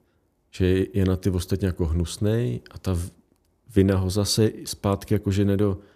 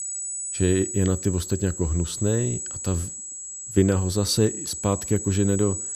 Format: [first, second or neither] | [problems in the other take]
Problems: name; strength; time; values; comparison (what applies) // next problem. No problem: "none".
first | high-pitched whine; loud; throughout; 8 kHz, 6 dB below the speech